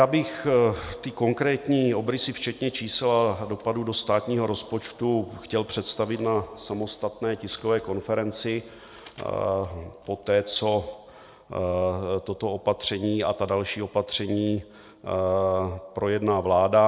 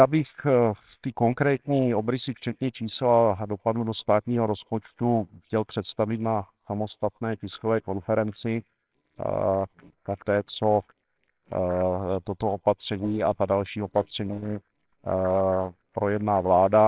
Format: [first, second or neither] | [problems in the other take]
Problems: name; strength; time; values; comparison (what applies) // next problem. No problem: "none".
first | noise reduction (neural separator model SepFormer WHAMR!)